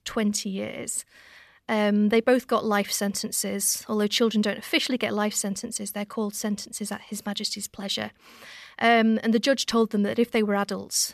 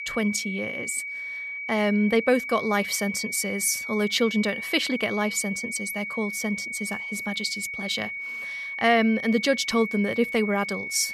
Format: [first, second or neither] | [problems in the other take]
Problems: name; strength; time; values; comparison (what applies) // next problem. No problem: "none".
first | high-pitched whine; loud; throughout; 2 kHz, 6 dB below the speech